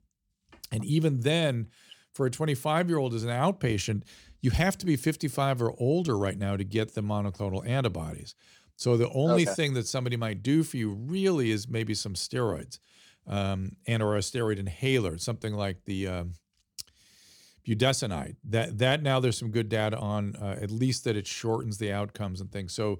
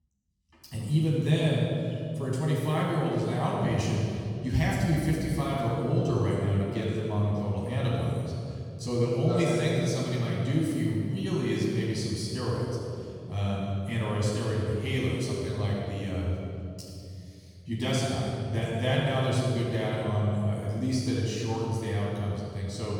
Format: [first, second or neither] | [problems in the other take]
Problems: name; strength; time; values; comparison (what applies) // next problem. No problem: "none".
first | off-mic speech; far // room echo; strong; dies away in 2.6 s